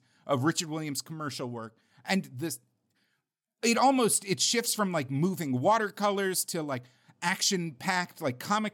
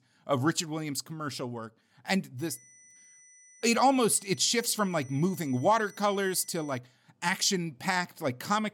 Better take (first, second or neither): first